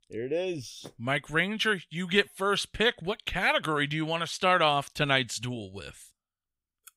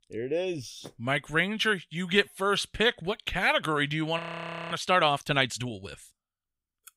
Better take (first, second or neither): first